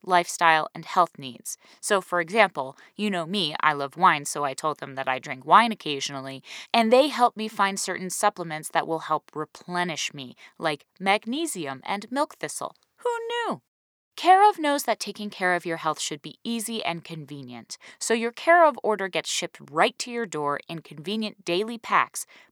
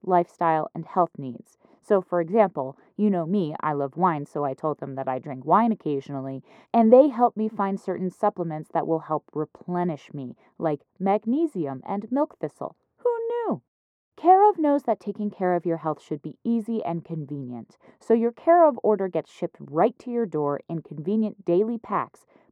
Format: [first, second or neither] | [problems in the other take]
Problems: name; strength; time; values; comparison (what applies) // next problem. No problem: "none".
first | muffled; very; fading above 1.5 kHz